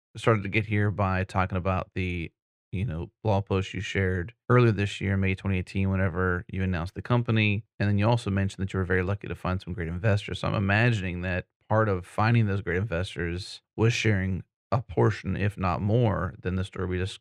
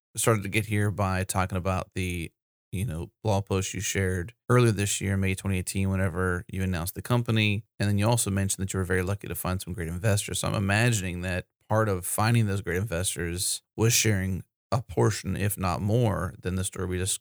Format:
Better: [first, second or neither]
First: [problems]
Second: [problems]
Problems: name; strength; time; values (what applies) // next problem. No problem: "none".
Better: second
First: muffled; slightly; fading above 2.5 kHz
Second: none